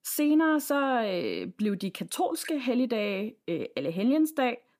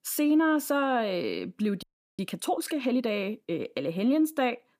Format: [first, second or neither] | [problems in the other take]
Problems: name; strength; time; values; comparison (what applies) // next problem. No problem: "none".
first | audio freezing; at 2 s